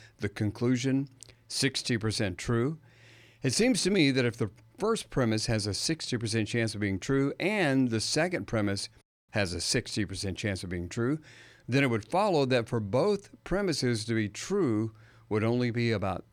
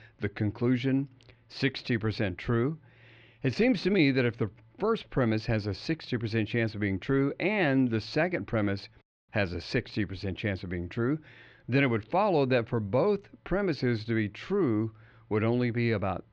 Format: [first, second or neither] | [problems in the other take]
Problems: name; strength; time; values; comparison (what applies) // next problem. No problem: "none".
first | muffled; slightly; fading above 3.5 kHz